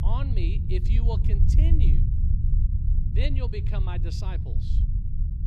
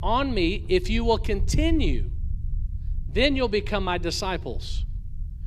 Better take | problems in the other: second | low rumble; loud; throughout; 3 dB below the speech; faint in the second

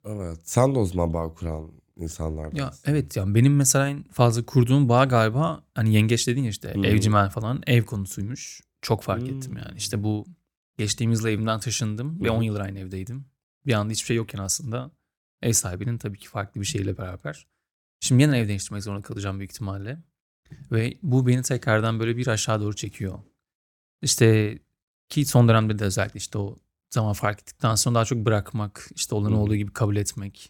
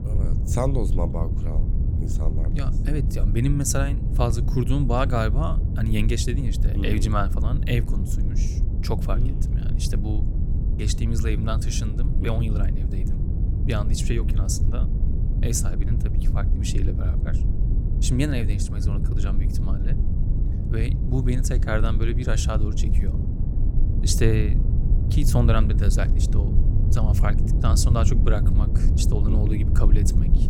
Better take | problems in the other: first | low rumble; loud; throughout; 7 dB below the speech

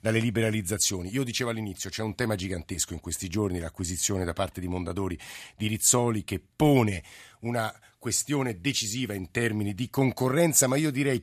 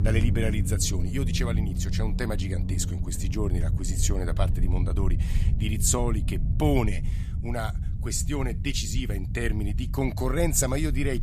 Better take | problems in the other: first | low rumble; noticeable; throughout; 10 dB below the speech

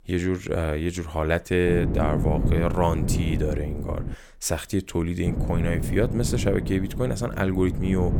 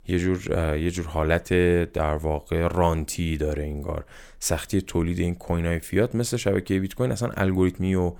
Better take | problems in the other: second | wind noise on the microphone; heavy; from 1.5 to 4 s and from 5.5 s on; 9 dB below the speech

